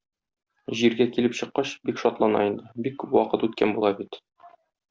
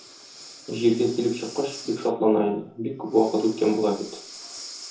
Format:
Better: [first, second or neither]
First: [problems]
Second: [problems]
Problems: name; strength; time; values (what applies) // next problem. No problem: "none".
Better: first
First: none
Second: background sound (Breathing); 18 dB below the speech // room echo; dies away in 0.6 s